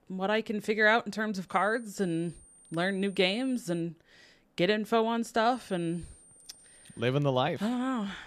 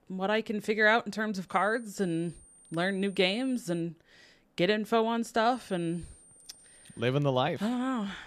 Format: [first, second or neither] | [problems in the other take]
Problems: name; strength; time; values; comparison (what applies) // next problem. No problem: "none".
neither | high-pitched whine; faint; from 1.5 to 4 s and from 5.5 to 7 s; 9 kHz, 25 dB below the speech; the same in both